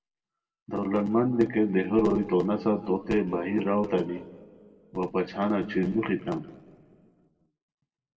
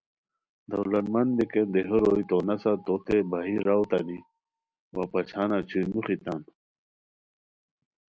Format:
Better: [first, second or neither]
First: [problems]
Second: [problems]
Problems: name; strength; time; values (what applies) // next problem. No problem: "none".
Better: second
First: room echo; dies away in 1.1 s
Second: none